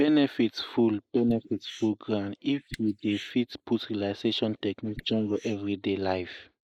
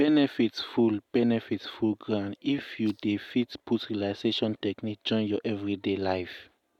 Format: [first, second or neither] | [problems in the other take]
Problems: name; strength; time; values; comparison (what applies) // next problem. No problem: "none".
second | noise reduction (neural mask model Resemble Enhance denoiser)